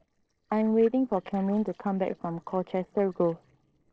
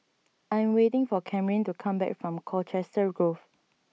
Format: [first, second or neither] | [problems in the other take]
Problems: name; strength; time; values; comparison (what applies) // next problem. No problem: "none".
second | noise reduction (neural separator model SepFormer DNS4)